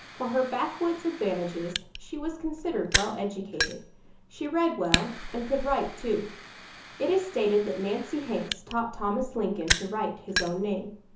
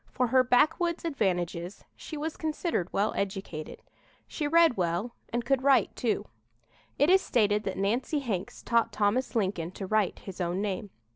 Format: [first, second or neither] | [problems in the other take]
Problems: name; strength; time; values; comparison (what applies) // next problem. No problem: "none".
second | background sound (Fire); 5 dB below the speech // room echo; dies away in 0.8 s